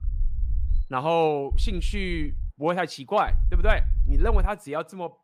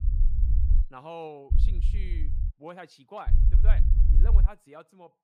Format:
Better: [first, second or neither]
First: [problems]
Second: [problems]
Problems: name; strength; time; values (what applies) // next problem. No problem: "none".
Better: first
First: low rumble; faint; at the start, at 1.5 s and from 3.5 to 4.5 s; 25 dB below the speech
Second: low rumble; loud; at the start, at 1.5 s and from 3.5 to 4.5 s; 5 dB below the speech